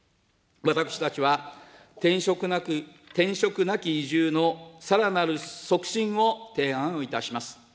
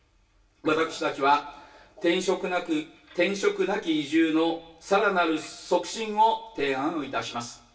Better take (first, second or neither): first